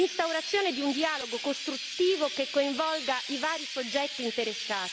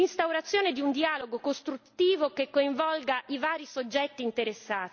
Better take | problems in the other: second | background sound (Chirp, tweet); 7 dB below the speech

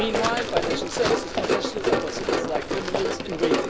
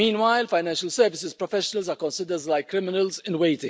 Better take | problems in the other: second | background sound (Run); 4 dB above the speech

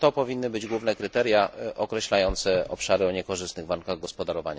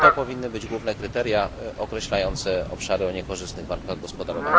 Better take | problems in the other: first | background sound (Fowl); 1 dB above the speech

